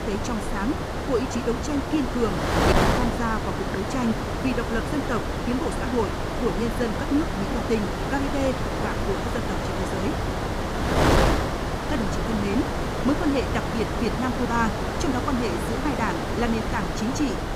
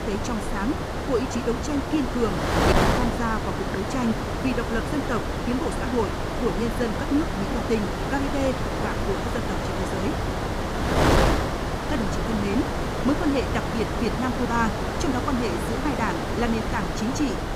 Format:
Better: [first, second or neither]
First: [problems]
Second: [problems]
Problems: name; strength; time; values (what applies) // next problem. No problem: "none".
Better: neither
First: wind noise on the microphone; heavy; 2 dB above the speech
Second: wind noise on the microphone; heavy; 2 dB above the speech